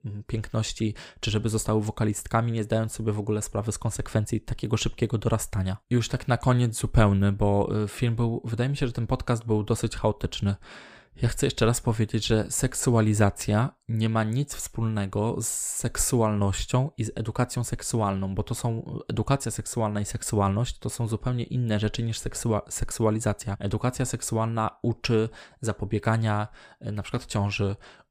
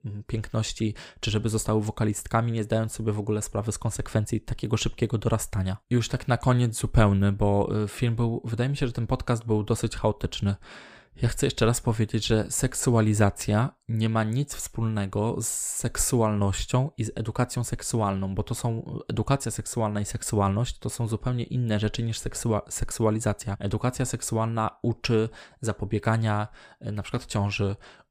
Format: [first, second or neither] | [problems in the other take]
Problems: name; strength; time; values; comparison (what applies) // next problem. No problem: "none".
neither | none